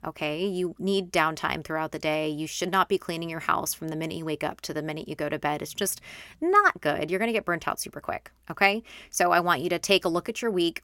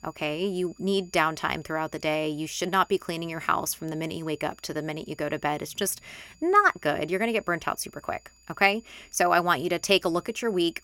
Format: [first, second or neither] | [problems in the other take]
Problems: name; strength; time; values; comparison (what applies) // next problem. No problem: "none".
first | high-pitched whine; faint; throughout; 7 kHz, 30 dB below the speech